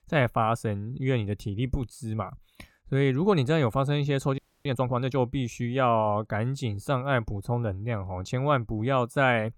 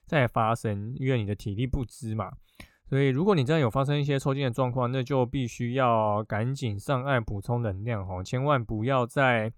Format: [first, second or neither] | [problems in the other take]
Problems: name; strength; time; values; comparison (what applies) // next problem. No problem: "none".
second | audio freezing; at 4.5 s